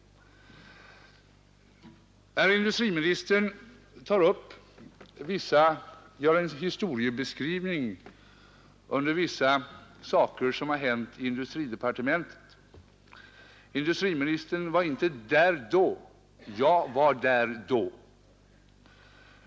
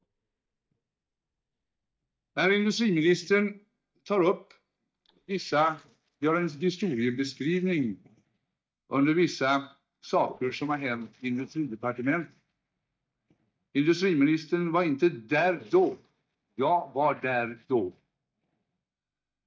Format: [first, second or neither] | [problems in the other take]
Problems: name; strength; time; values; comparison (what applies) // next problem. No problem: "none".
first | noise reduction (neural mask model DeepFilterNet 3)